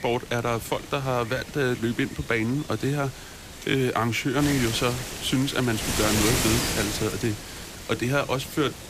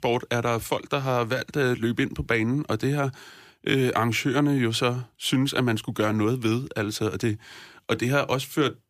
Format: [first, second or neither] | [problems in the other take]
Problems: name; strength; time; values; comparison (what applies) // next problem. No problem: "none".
second | wind noise on the microphone; heavy; 4 dB below the speech